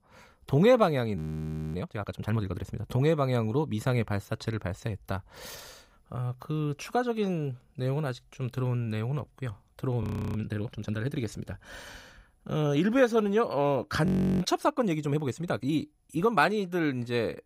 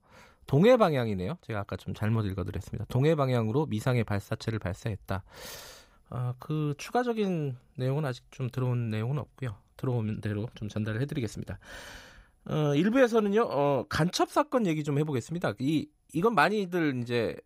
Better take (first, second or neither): second